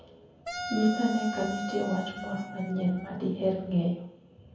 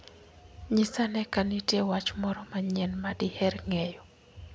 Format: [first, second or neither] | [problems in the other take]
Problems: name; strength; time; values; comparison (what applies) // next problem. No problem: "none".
second | background sound (Wind instrument, woodwind instrument); 8 dB below the speech // room echo; dies away in 0.7 s